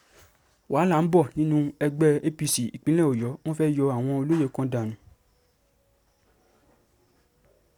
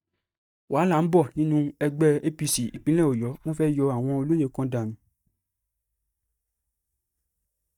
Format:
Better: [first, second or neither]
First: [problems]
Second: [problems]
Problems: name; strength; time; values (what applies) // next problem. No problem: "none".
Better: first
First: none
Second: noise reduction (neural mask model DeepFilterNet 3)